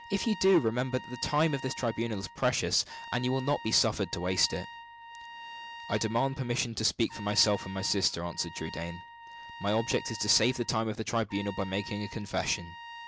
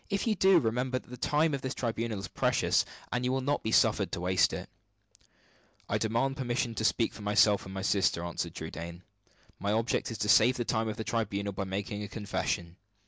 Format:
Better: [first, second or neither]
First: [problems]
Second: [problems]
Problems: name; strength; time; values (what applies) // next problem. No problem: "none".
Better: second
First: background sound (Trumpet); 15 dB below the speech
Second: none